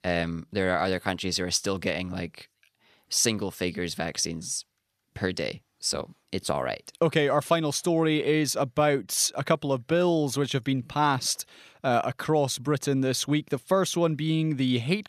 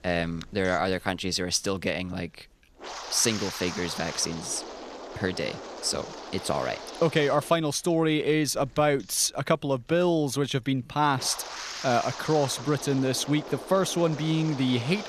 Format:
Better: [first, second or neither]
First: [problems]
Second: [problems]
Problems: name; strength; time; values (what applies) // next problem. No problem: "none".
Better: first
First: none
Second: wind noise on the microphone; occasional gusts; 10 dB below the speech